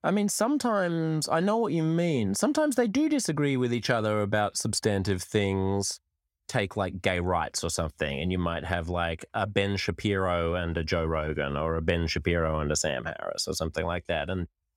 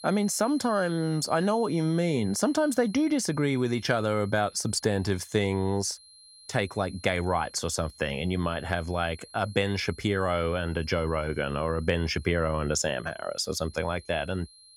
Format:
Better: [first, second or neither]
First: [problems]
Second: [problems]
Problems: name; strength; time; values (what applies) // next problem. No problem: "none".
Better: first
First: none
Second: high-pitched whine; faint; throughout; 4 kHz, 20 dB below the speech